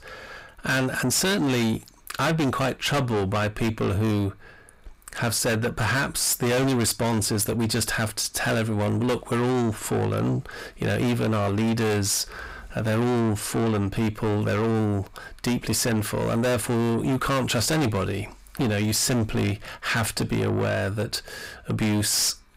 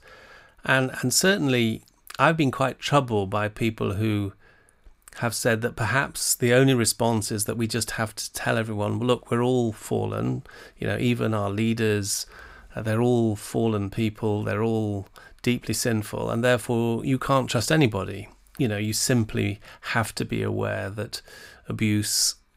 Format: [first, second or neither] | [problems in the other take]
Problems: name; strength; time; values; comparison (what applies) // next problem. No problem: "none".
second | distortion; heavy; 5 dB below the speech